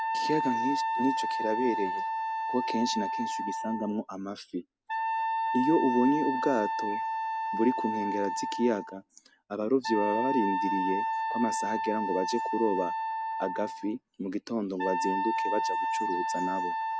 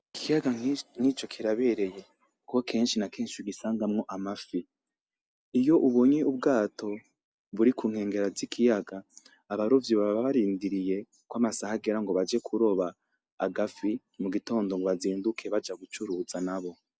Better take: second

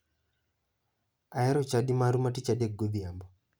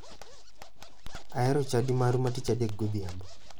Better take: first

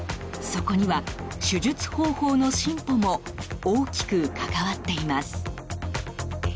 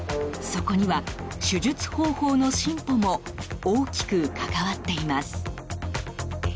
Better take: first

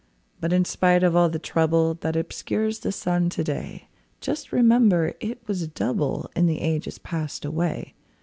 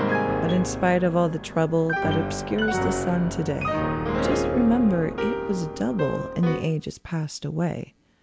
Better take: first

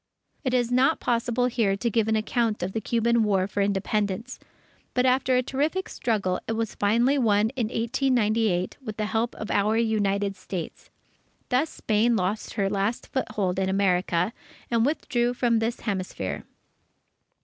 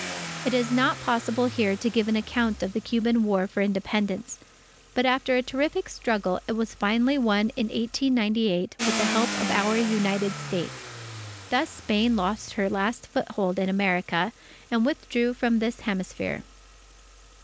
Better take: first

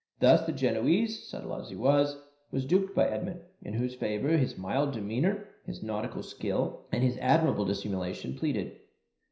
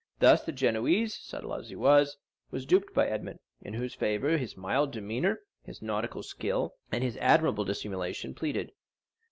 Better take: second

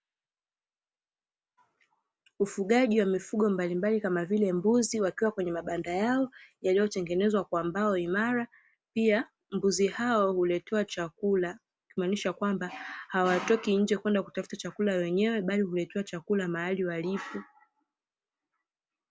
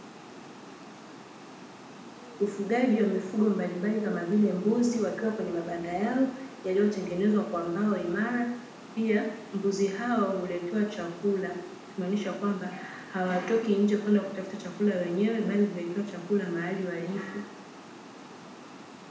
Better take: first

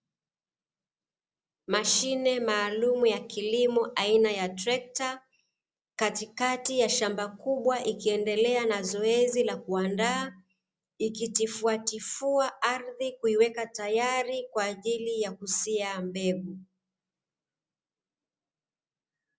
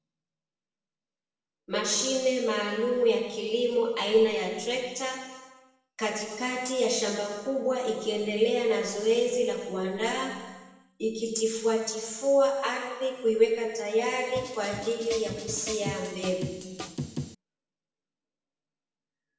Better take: first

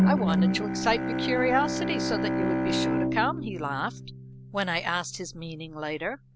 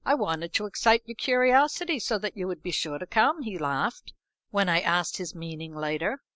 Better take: second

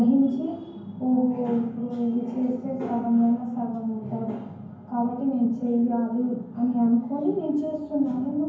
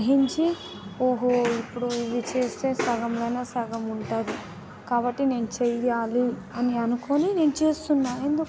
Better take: second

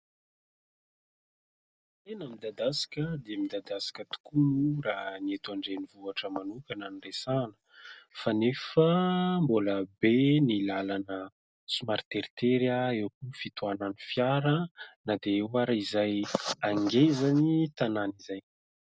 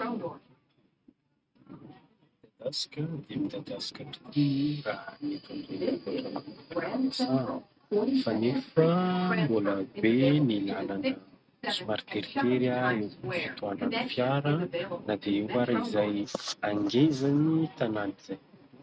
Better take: first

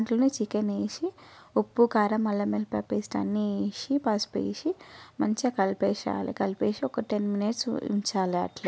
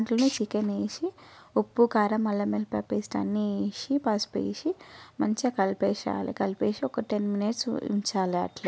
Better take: first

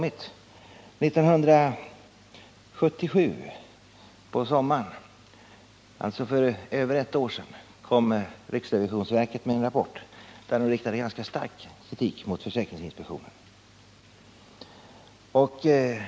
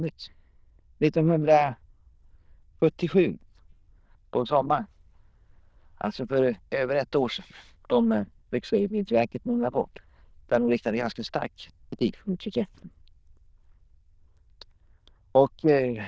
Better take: first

